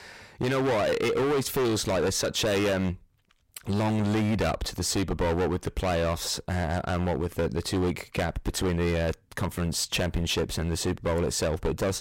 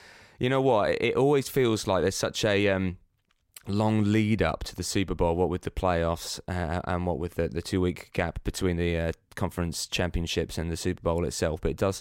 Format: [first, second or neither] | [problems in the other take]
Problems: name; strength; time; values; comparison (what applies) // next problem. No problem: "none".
second | distortion; heavy; 20% of the sound clipped